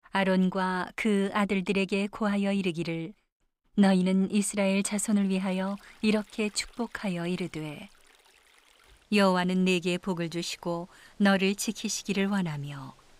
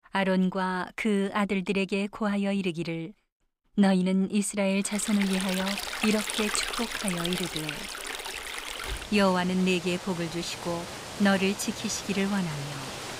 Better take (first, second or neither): first